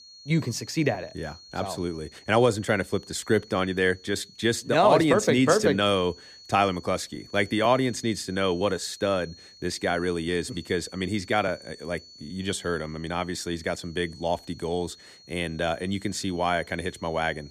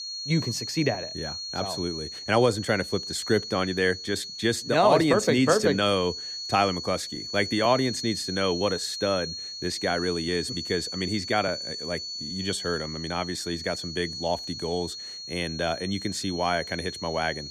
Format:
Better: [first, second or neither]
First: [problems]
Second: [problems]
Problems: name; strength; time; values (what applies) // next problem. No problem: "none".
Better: first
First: high-pitched whine; faint; throughout; 4.5 kHz, 20 dB below the speech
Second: high-pitched whine; loud; throughout; 4.5 kHz, 7 dB below the speech